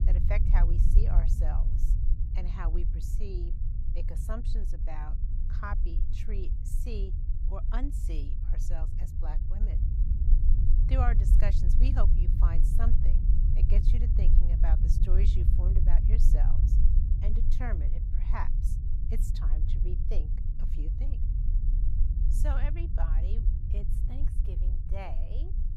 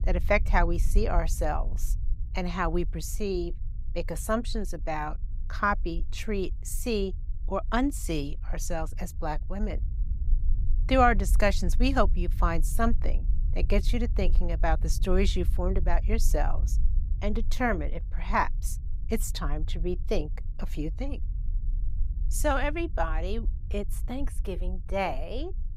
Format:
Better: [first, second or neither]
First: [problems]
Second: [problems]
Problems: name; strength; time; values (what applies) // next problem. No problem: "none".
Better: second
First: low rumble; loud; throughout; 5 dB below the speech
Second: low rumble; faint; throughout; 25 dB below the speech